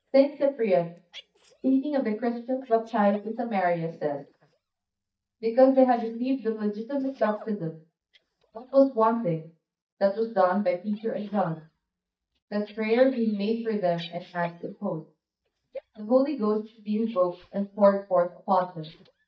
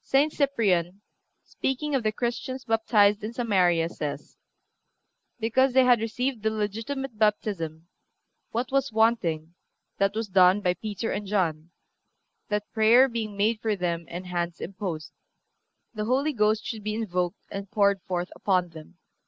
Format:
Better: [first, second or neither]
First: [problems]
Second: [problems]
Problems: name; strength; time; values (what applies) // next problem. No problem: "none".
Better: second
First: noise reduction (neural mask model DeepFilterNet 3)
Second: none